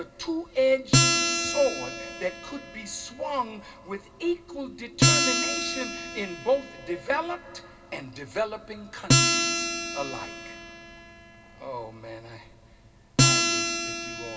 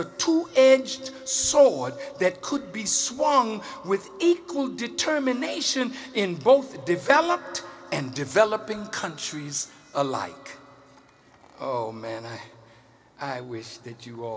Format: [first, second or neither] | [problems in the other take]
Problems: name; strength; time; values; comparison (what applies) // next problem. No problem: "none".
second | background sound (Acoustic guitar); 4 dB above the speech // room echo; dies away in 0.2 s